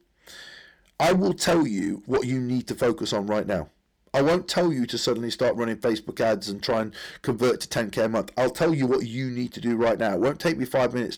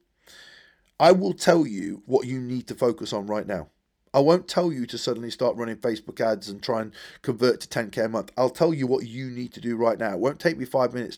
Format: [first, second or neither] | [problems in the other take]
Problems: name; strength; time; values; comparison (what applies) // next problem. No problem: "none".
second | distortion; heavy; 6 dB below the speech